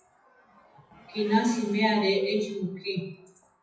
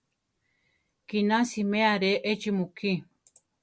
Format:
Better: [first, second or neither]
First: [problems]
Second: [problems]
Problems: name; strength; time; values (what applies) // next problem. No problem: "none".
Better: second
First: noise reduction (classical method WPE with log-MMSE)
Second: none